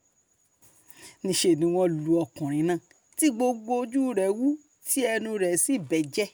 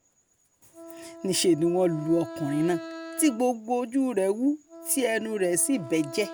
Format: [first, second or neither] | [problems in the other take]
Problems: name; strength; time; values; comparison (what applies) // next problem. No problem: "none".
first | background sound (Wind instrument, woodwind instrument); 16 dB below the speech